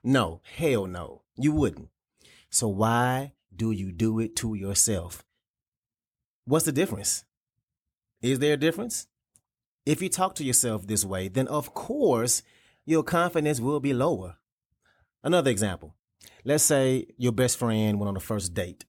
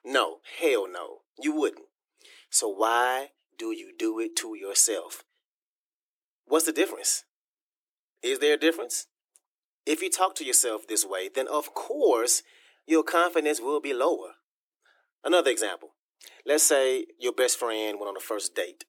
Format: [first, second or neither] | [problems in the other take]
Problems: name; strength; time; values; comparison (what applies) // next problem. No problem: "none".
first | thin; very; fading below 300 Hz